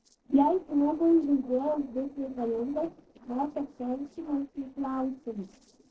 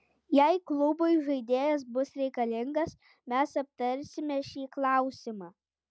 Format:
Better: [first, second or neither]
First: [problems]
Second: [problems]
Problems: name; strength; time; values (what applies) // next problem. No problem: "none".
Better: second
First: noise reduction (neural separator model SepFormer DNS4)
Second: none